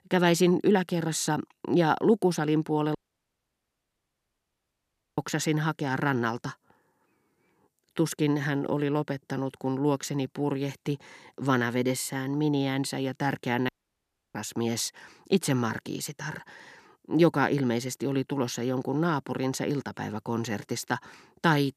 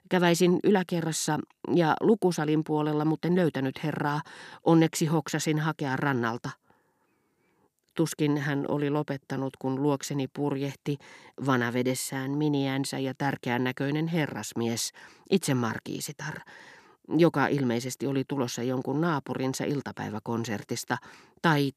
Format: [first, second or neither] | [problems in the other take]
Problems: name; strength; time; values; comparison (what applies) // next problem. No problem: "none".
second | audio cutting out; at 3 s for 2 s and at 14 s for 0.5 s